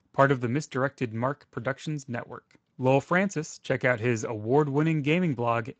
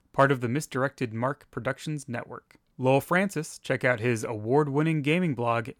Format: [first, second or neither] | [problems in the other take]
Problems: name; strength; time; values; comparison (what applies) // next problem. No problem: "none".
second | garbled, watery; slightly; nothing above 7.5 kHz